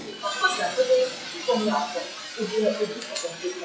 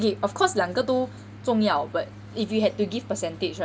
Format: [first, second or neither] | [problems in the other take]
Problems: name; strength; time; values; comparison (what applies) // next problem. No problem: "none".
second | noise reduction (classical method WPE with log-MMSE)